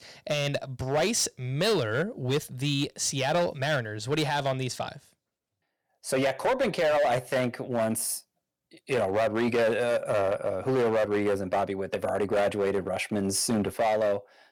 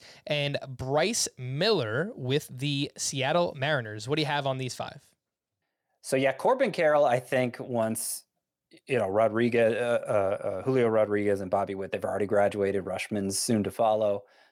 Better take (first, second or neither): second